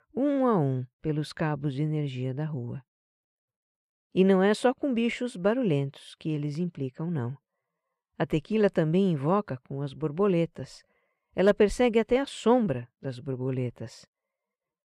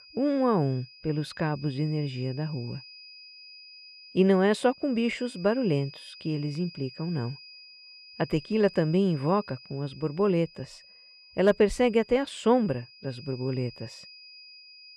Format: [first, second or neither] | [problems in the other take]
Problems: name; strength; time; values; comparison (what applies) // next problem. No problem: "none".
first | high-pitched whine; noticeable; throughout; 5 kHz, 20 dB below the speech